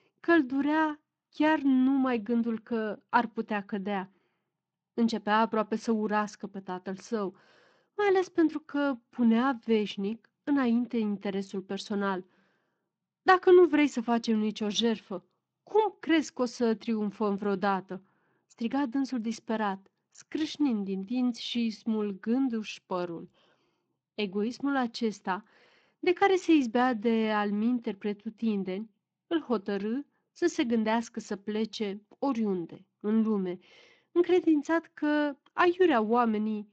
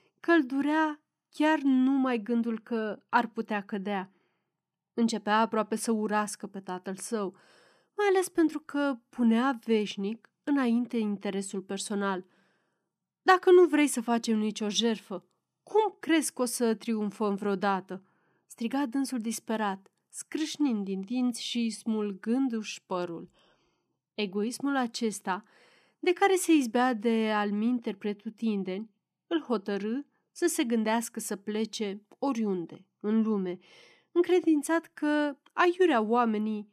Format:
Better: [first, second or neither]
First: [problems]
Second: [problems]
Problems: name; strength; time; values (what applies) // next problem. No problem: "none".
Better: second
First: garbled, watery; slightly; nothing above 7.5 kHz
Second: none